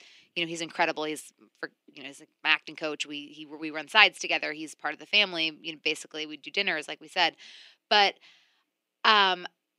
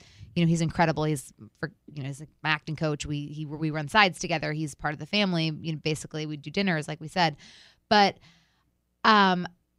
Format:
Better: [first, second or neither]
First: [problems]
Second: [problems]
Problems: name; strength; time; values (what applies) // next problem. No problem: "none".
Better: second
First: thin; very; fading below 300 Hz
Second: none